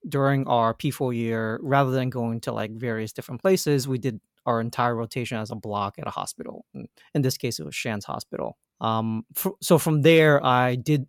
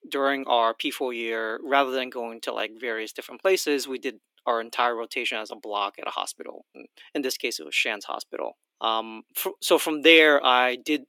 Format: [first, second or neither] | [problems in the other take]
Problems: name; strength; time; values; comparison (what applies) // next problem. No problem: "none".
first | thin; somewhat; fading below 300 Hz